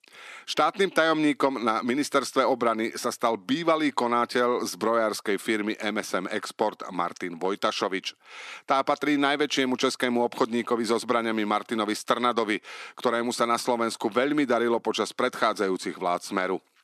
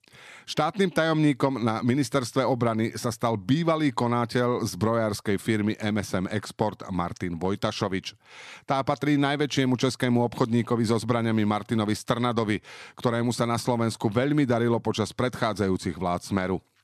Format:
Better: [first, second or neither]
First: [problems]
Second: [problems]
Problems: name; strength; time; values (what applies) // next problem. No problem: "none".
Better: second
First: thin; very slightly; fading below 300 Hz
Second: none